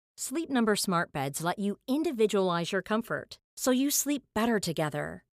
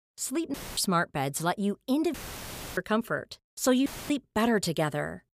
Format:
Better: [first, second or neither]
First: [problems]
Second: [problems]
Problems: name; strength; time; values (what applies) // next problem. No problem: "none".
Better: first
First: none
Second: audio cutting out; filled with static; at 0.5 s, at 2 s for 0.5 s and at 4 s